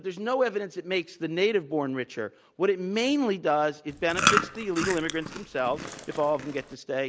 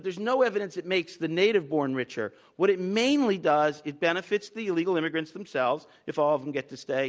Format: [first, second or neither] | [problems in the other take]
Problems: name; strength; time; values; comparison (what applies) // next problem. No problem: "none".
second | background sound (Chewing, mastication); 2 dB below the speech